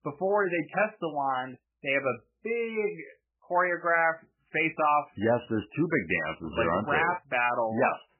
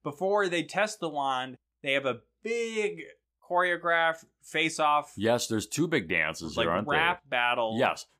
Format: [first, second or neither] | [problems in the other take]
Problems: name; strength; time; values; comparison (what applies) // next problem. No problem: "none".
second | garbled, watery; badly; nothing above 3 kHz